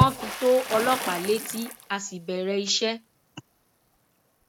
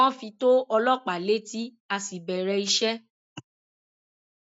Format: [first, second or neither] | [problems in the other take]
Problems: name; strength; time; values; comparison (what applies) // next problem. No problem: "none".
second | background sound (Water / Splash, splatter); 6 dB below the speech